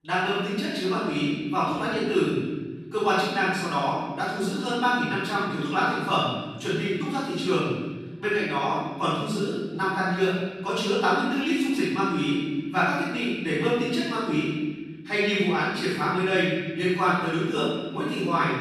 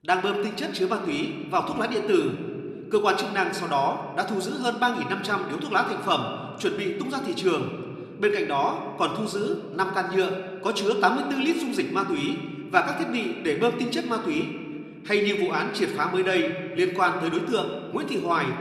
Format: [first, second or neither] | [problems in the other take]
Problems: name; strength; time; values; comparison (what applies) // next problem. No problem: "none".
second | room echo; strong; dies away in 1.4 s; slight in the second // off-mic speech; far